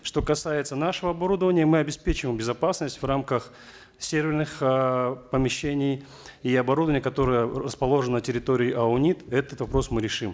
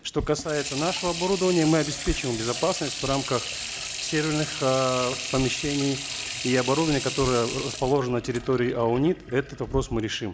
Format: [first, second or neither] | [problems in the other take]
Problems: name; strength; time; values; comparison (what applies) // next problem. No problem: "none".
first | background sound (Sink (filling or washing) / Water tap, faucet); 8 dB below the speech